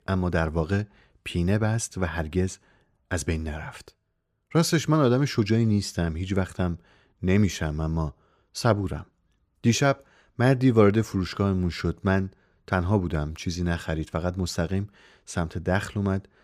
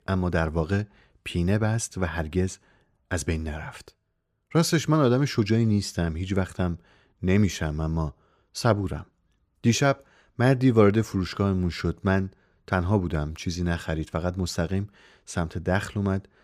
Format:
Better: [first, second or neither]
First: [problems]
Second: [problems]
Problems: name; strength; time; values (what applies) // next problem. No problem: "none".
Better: neither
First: none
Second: none